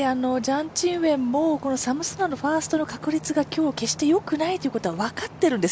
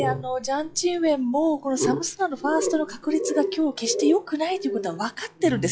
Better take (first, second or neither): first